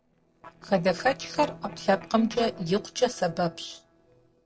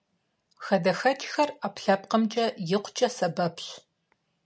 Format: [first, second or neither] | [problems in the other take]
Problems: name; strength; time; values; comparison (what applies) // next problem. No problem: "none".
second | noise reduction (neural separator model SepFormer DNS4)